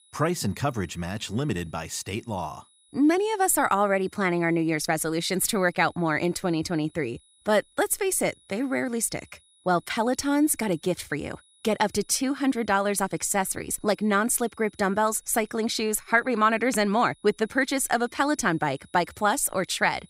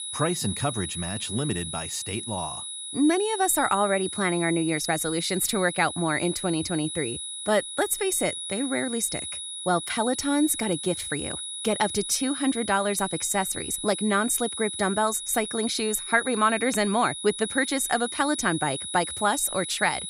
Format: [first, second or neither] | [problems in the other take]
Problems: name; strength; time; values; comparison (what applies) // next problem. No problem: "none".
first | high-pitched whine; loud; throughout; 4 kHz, 6 dB below the speech; faint in the first